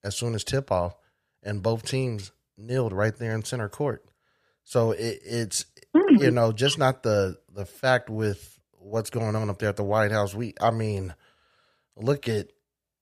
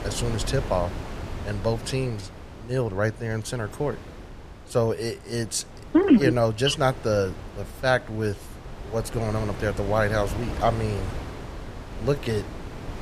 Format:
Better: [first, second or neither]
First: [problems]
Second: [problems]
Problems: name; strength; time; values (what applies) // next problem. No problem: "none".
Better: first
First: none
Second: wind noise on the microphone; occasional gusts; 15 dB below the speech